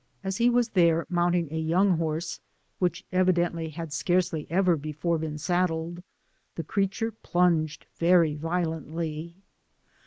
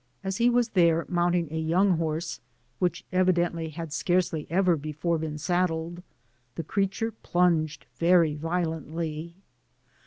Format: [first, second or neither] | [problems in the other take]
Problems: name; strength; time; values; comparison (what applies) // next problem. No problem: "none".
second | noise reduction (neural mask model Resemble Enhance denoiser)